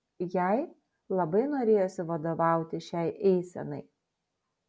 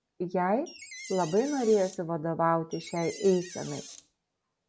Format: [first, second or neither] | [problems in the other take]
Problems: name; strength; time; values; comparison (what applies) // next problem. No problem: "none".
first | background sound (Door); 16 dB below the speech